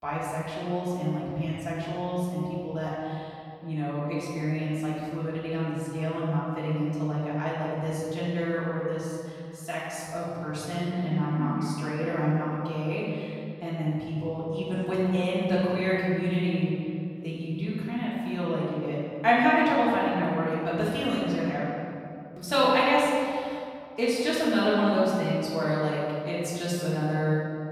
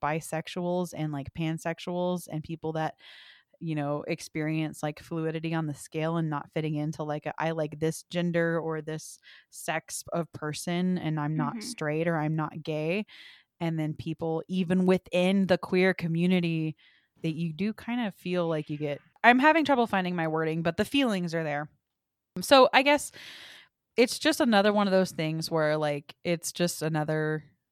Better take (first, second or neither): second